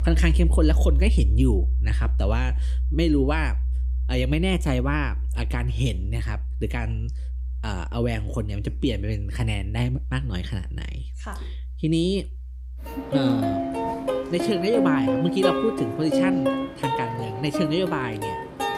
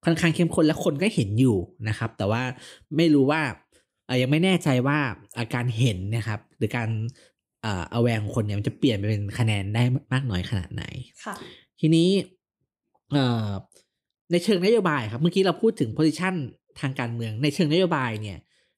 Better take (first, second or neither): second